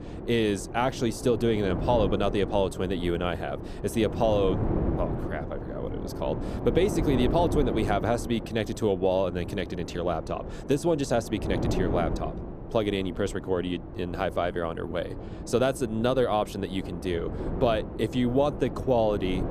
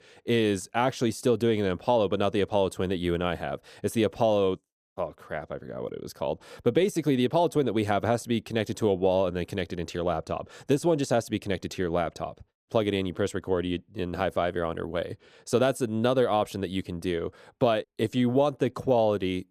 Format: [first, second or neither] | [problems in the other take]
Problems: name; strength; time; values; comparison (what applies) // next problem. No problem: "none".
second | wind noise on the microphone; occasional gusts; 10 dB below the speech